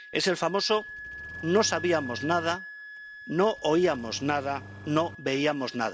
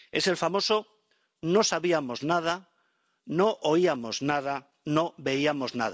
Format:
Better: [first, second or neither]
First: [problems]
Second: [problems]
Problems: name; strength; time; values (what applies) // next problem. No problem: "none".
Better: second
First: background sound (Engine starting + Wind instrument, woodwind instrument); 14 dB below the speech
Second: none